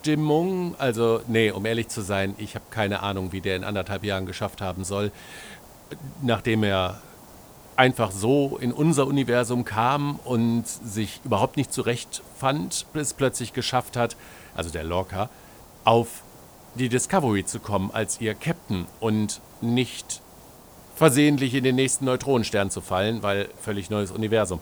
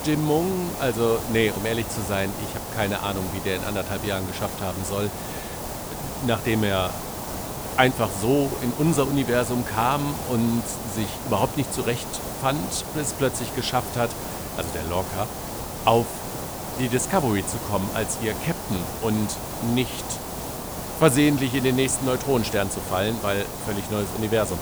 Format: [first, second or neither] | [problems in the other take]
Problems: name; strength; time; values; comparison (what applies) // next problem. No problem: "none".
first | hiss; loud; throughout; 6 dB below the speech; faint in the first